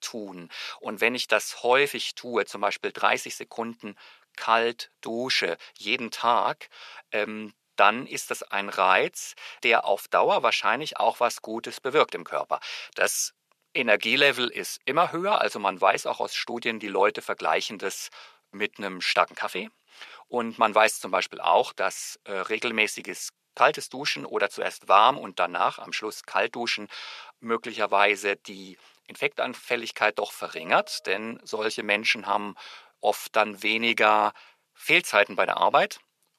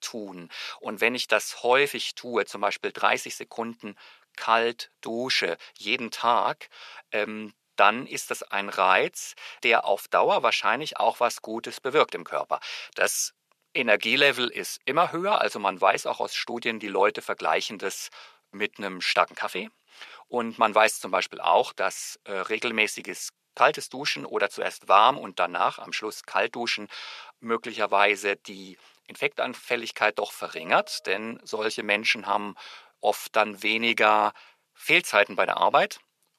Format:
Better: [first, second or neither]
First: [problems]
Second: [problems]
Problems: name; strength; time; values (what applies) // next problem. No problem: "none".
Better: neither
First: thin; very; fading below 650 Hz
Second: thin; very; fading below 650 Hz